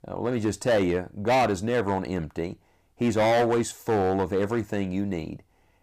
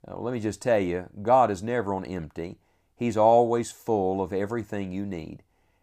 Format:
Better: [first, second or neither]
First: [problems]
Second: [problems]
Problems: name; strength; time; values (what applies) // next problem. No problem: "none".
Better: second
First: distortion; heavy; 9% of the sound clipped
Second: none